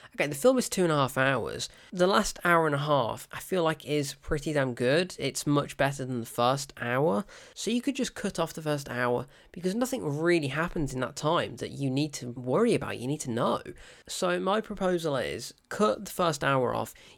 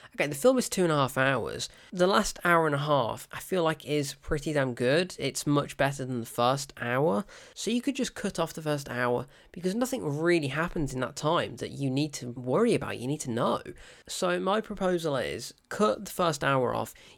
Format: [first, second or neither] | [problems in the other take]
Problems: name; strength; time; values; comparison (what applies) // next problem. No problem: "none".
neither | none